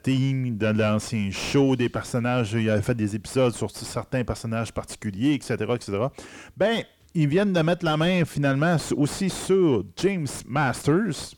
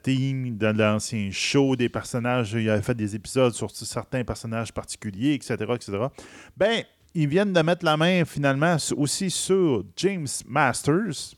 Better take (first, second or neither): second